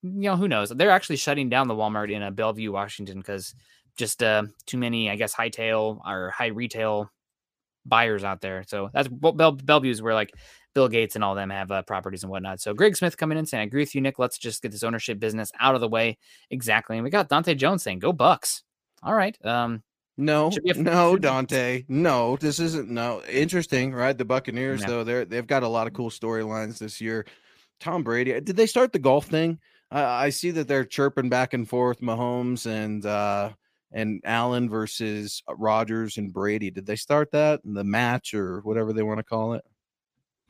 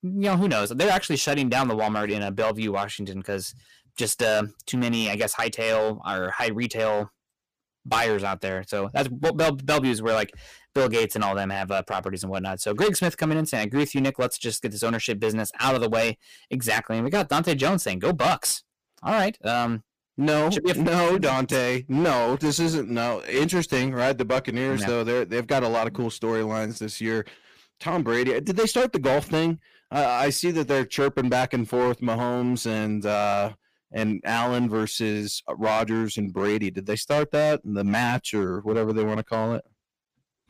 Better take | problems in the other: first | distortion; heavy; 9% of the sound clipped

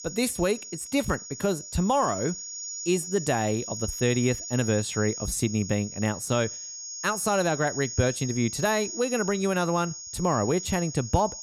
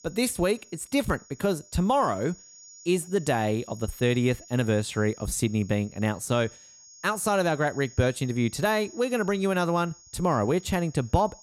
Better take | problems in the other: second | high-pitched whine; loud; throughout; 6.5 kHz, 8 dB below the speech; faint in the second

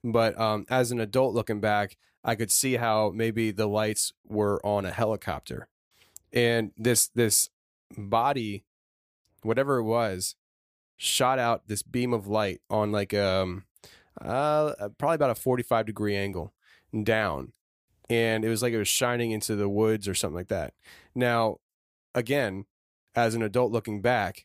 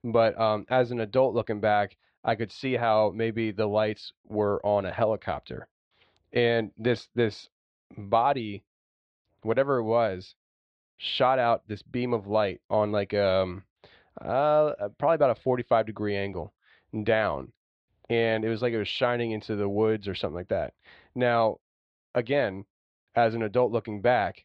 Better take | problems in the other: first | muffled; very; fading above 4 kHz

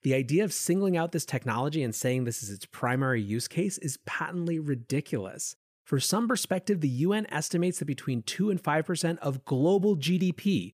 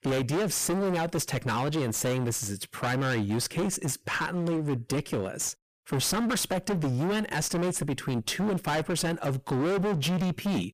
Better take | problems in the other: first | distortion; heavy; 32% of the sound clipped

